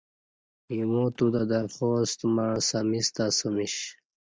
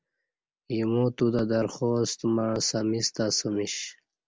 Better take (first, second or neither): second